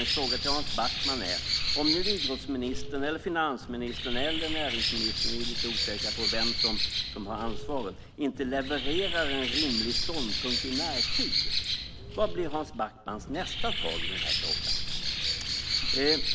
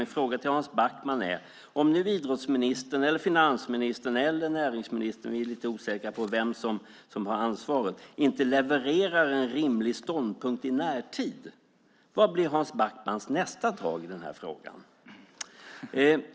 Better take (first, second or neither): second